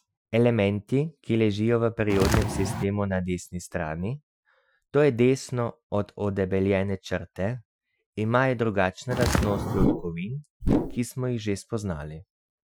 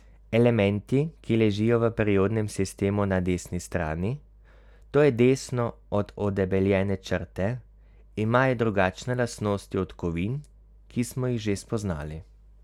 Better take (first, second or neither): second